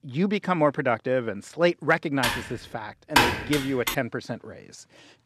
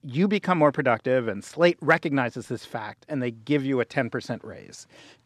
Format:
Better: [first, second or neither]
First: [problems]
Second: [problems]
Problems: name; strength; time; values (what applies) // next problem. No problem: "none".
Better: second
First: keyboard typing; loud; from 2 to 4 s; peak 6 dB above the speech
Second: none